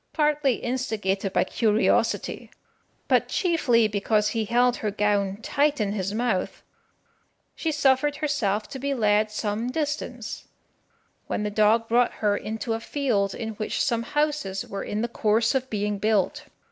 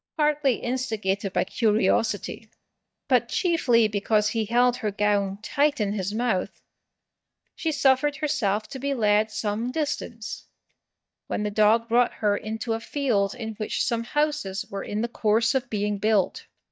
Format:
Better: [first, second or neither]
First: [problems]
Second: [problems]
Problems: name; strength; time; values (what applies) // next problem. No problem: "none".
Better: first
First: none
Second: noise reduction (neural mask model DeepFilterNet 3)